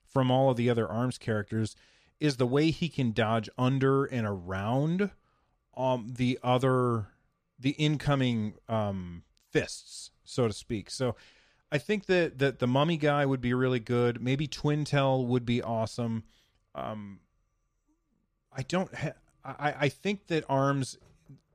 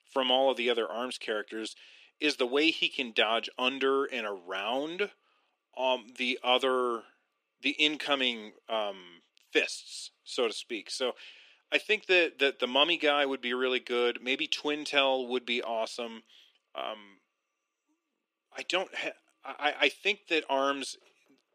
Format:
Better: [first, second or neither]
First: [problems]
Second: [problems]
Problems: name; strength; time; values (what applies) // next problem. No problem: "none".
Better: first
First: none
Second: thin; somewhat; fading below 300 Hz